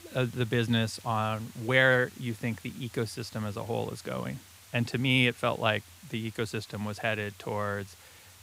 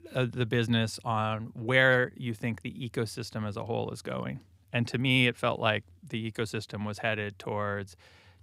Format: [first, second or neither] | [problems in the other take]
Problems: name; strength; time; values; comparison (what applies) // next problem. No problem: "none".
second | hiss; faint; throughout; 20 dB below the speech